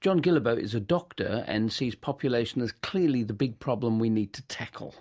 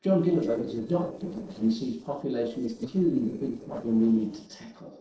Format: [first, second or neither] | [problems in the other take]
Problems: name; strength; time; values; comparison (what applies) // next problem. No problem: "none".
first | noise reduction (neural separator model SepFormer DNS4)